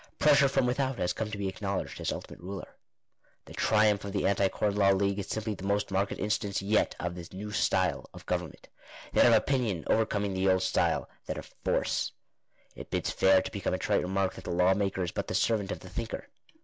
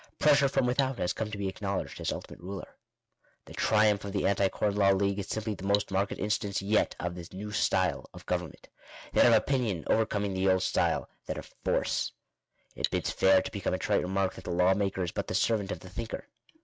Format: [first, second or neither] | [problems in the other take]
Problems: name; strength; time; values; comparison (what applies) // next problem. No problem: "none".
first | noise reduction (neural mask model RNNoise)